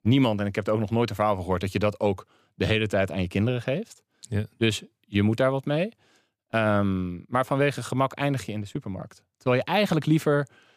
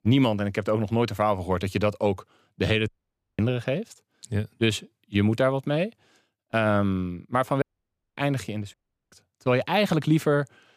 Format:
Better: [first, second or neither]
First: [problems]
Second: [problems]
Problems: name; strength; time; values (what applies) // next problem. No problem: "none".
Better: first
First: none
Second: audio cutting out; at 3 s for 0.5 s, at 7.5 s for 0.5 s and at 8.5 s